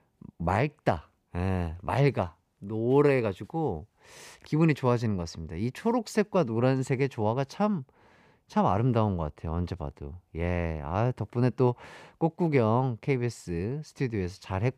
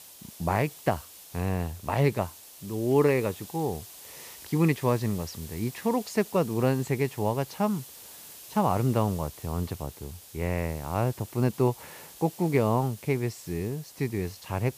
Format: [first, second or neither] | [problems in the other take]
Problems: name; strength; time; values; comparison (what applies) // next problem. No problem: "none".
first | hiss; noticeable; throughout; 15 dB below the speech